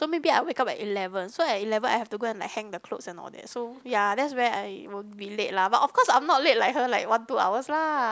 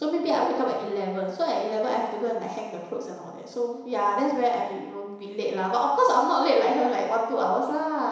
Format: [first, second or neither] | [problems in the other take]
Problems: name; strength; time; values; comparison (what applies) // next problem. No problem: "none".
first | room echo; dies away in 1 s